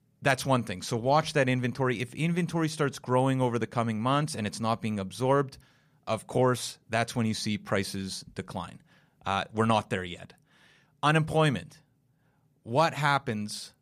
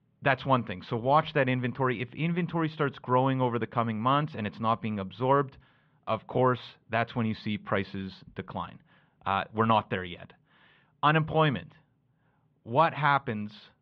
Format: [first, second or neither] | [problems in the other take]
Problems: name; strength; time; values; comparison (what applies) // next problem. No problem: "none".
first | muffled; very; fading above 3.5 kHz